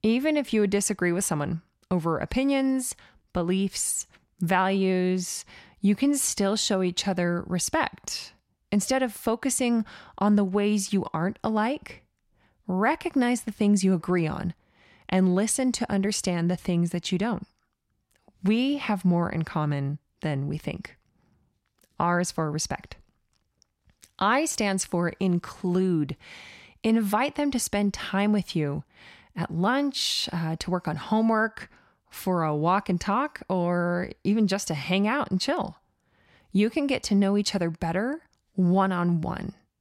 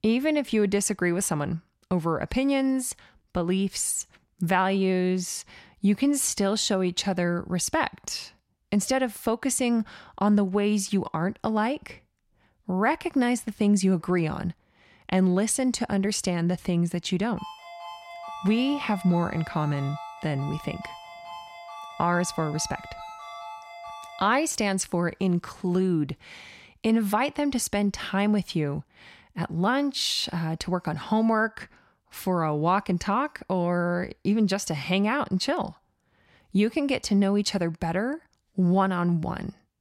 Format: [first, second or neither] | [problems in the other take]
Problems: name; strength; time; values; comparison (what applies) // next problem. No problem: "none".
first | phone ringing; faint; from 17 to 24 s; peak 15 dB below the speech